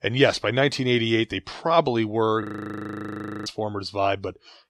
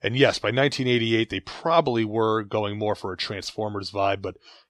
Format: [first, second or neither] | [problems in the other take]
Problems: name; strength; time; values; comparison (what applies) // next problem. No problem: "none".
second | audio freezing; at 2.5 s for 1 s